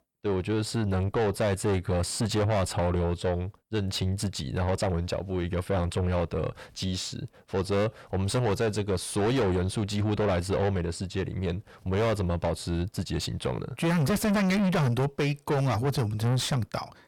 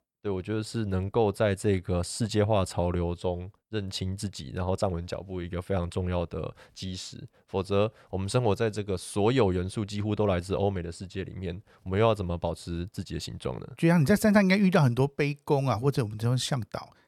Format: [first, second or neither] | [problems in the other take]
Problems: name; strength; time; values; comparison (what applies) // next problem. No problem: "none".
second | distortion; heavy; 6 dB below the speech